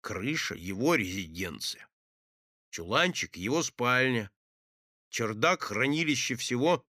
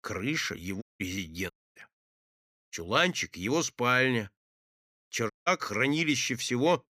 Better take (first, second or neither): first